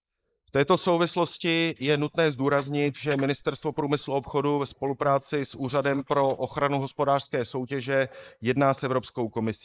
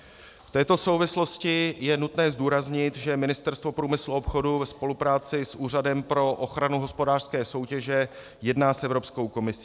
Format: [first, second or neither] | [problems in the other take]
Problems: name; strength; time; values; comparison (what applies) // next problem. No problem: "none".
second | noise reduction (neural mask model Resemble Enhance denoiser)